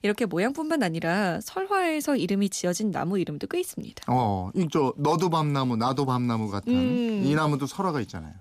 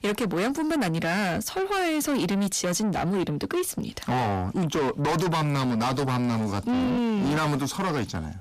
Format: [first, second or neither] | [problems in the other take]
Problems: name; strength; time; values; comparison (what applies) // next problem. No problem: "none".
first | distortion; heavy; 7 dB below the speech